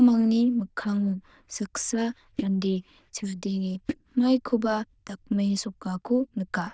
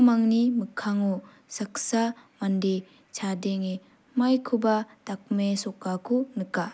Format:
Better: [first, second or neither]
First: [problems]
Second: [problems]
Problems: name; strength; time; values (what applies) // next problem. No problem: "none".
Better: second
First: noise reduction (neural diffusion model UNIVERSE++)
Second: none